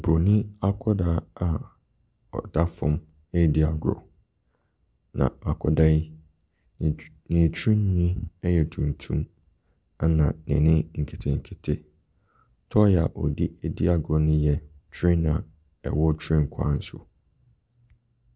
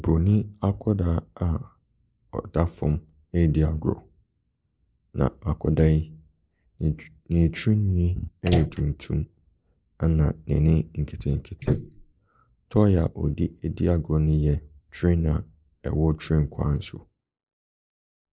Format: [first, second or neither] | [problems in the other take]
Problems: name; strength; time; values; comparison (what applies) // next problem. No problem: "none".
first | noise reduction (neural mask model Resemble Enhance denoiser)